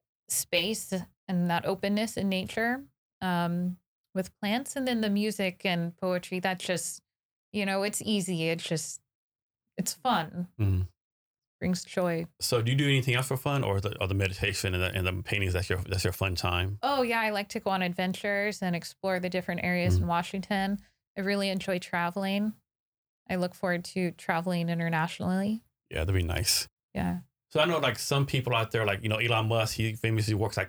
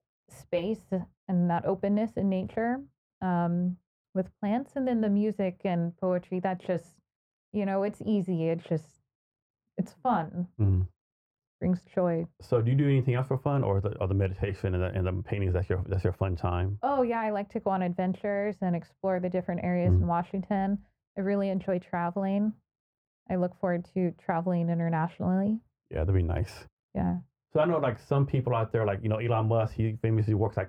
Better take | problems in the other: first | muffled; very; fading above 2.5 kHz

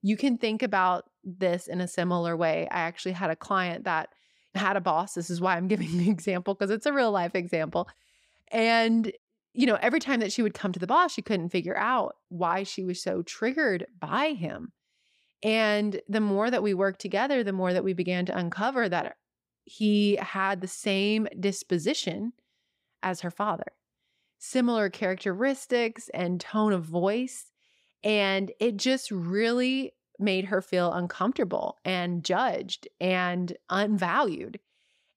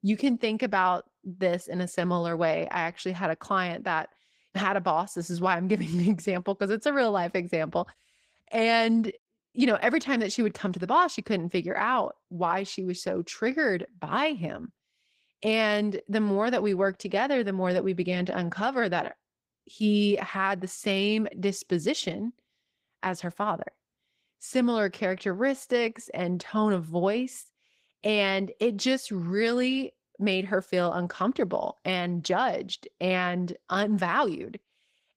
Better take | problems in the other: first | garbled, watery; slightly; nothing above 15.5 kHz

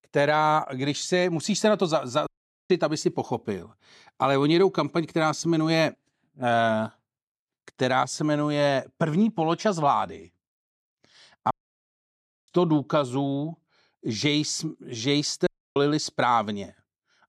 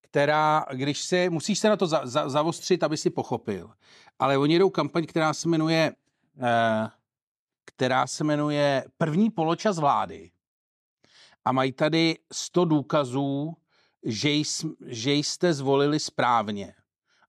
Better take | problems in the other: second | audio cutting out; at 2.5 s, at 12 s for 1 s and at 15 s

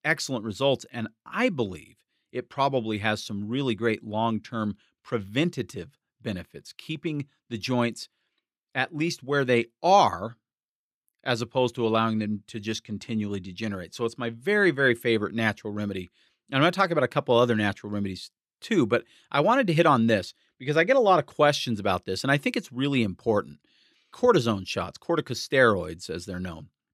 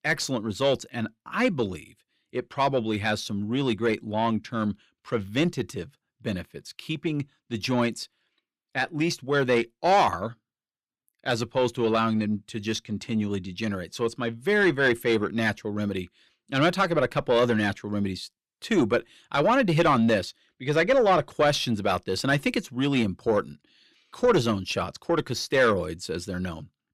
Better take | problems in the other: first | distortion; slight; 10 dB below the speech

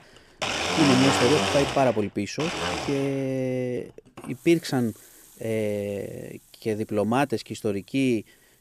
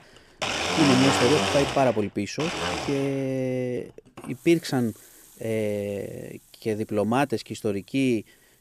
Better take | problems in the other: neither | household noises; very loud; throughout; as loud as the speech; the same in both

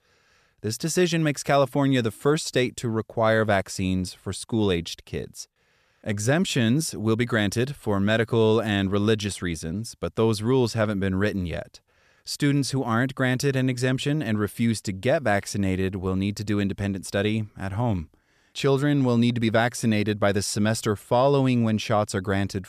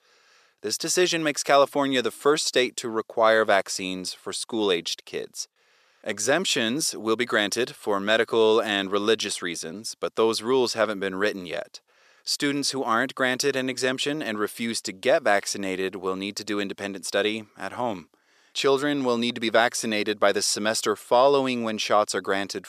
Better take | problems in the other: first | thin; somewhat; fading below 400 Hz

